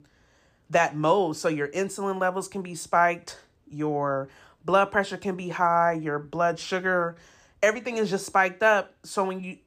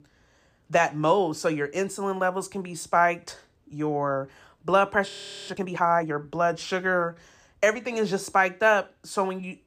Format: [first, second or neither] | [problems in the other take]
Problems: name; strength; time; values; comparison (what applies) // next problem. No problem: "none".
first | audio freezing; at 5 s